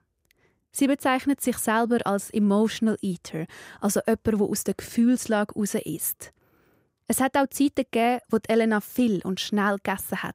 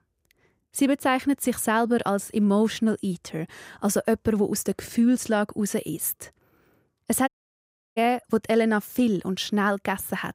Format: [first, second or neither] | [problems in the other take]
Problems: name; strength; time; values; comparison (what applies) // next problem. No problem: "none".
first | audio cutting out; at 7.5 s for 0.5 s